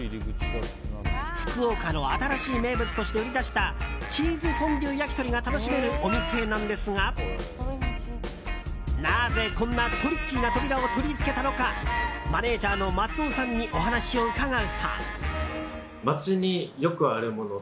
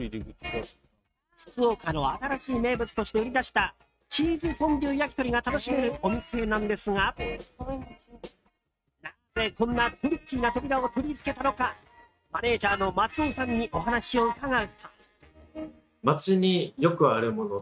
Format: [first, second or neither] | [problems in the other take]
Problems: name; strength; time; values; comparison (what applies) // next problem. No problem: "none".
first | noise reduction (neural mask model RNNoise)